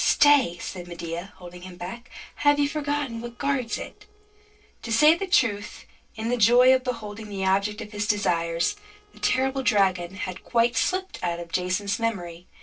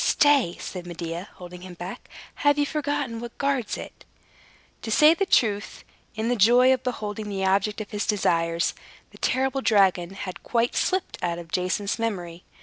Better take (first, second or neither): second